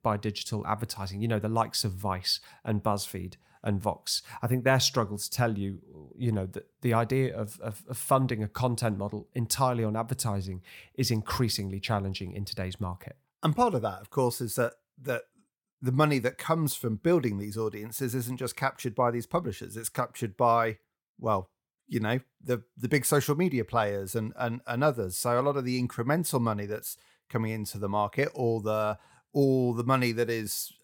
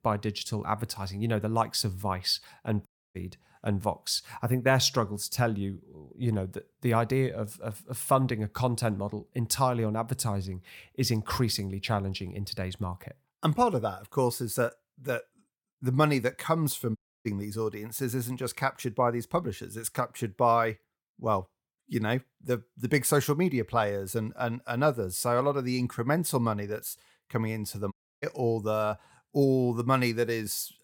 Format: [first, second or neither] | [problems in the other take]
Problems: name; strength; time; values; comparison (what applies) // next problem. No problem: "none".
first | audio cutting out; at 3 s, at 17 s and at 28 s